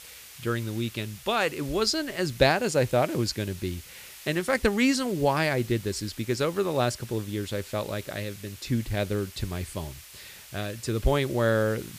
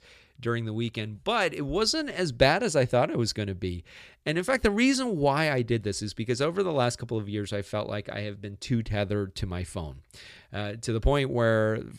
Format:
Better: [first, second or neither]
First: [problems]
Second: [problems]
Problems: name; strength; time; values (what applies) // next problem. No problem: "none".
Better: second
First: hiss; noticeable; throughout; 15 dB below the speech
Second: none